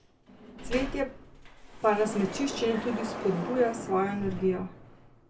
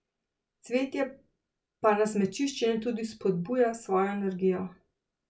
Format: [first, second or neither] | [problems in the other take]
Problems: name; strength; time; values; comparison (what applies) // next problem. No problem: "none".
second | background sound (Sliding door); 8 dB below the speech